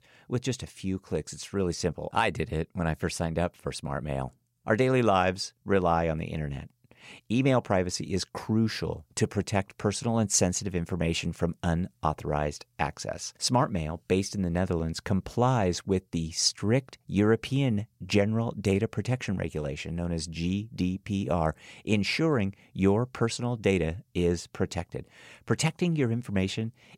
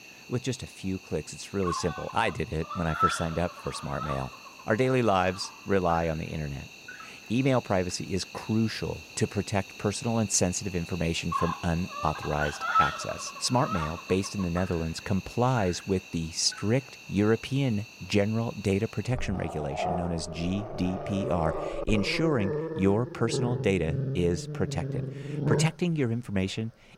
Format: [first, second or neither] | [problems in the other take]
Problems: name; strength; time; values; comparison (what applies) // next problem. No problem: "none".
first | animal sounds; loud; throughout; 6 dB below the speech